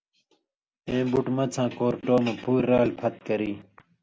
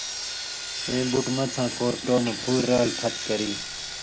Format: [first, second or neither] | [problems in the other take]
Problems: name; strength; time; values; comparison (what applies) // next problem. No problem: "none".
first | background sound (Sawing); 6 dB below the speech